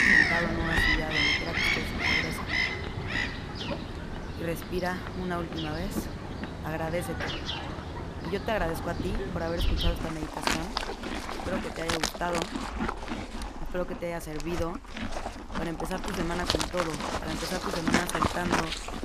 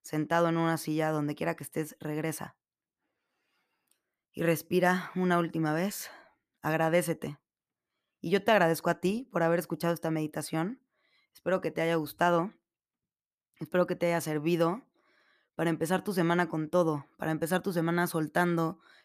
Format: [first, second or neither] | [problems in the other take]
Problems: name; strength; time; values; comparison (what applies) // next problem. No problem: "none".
second | animal sounds; very loud; throughout; 4 dB above the speech